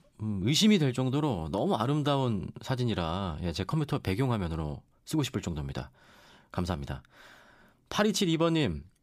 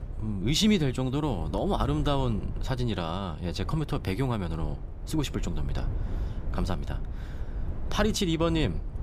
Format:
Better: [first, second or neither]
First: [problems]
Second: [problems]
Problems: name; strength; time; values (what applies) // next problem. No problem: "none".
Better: first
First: none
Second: wind noise on the microphone; occasional gusts; 15 dB below the speech